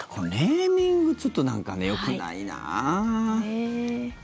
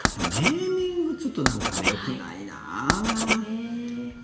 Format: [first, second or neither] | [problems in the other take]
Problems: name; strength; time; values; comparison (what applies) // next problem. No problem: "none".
first | background sound (Writing); as loud as the speech // room echo; dies away in 0.9 s